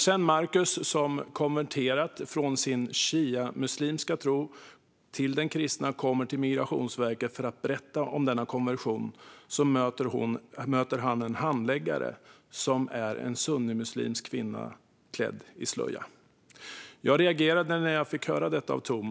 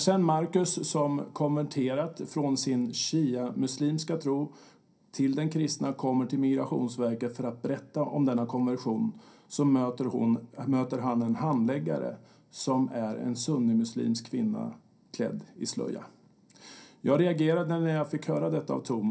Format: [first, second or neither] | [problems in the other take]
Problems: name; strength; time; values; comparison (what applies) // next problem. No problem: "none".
first | room echo; dies away in 0.3 s